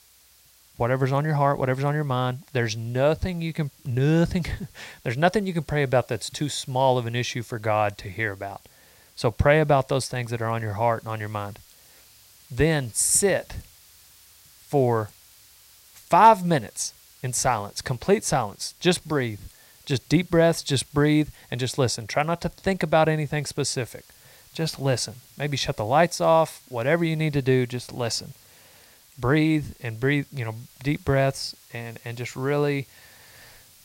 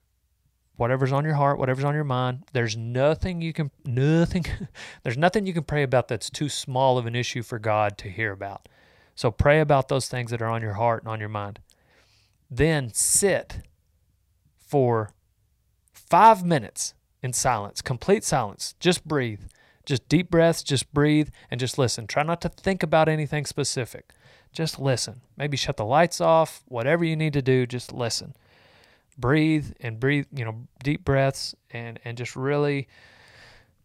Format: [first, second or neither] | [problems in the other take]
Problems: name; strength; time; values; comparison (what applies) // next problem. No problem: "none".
second | hiss; faint; throughout; 25 dB below the speech